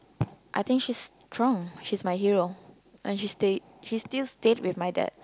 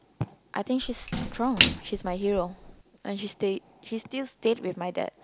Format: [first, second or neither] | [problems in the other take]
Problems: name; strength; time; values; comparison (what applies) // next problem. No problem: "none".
first | background sound (Splash, splatter); 2 dB below the speech